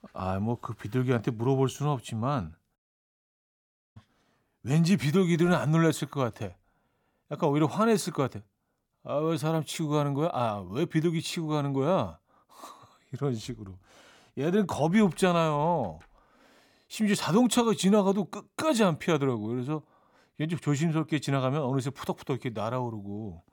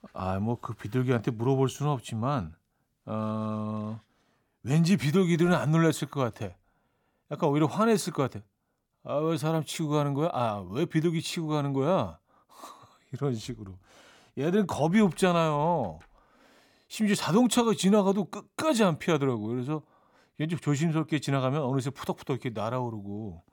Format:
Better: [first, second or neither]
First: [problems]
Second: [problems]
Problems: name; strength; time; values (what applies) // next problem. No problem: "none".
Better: second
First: audio cutting out; at 3 s for 1 s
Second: none